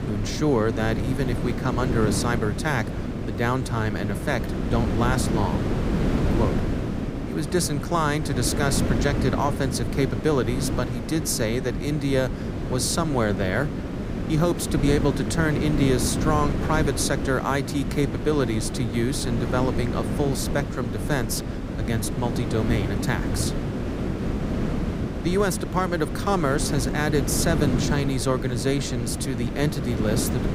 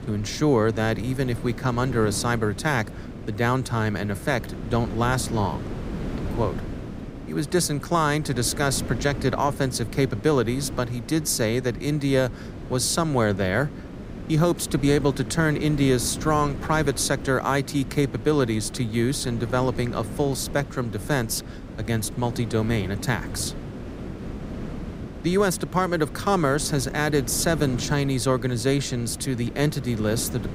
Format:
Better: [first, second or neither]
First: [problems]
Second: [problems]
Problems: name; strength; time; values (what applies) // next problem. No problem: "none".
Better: second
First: wind noise on the microphone; heavy; 6 dB below the speech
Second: wind noise on the microphone; occasional gusts; 15 dB below the speech